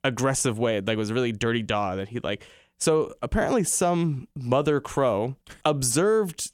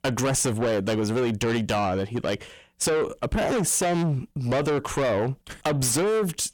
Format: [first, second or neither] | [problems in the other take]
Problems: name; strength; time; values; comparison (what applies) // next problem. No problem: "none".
first | distortion; heavy; 6 dB below the speech